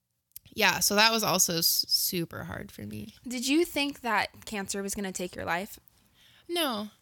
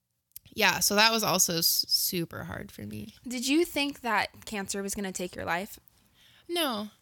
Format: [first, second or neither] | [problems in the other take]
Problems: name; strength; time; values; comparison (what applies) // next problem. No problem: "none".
neither | none